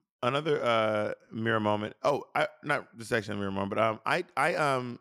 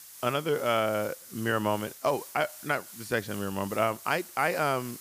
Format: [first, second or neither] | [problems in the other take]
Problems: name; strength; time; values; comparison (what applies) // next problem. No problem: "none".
first | hiss; noticeable; throughout; 15 dB below the speech